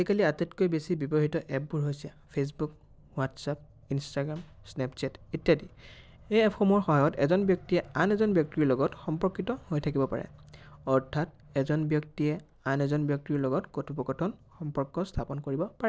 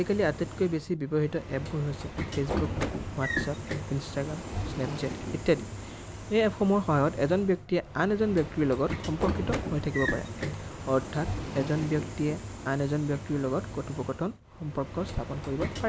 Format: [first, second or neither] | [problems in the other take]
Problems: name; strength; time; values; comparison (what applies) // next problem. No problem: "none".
first | background sound (Sliding door / Train); 6 dB below the speech